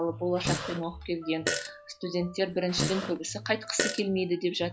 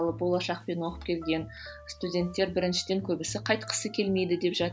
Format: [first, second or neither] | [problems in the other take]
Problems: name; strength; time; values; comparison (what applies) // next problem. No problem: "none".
second | noise reduction (classical method log-MMSE)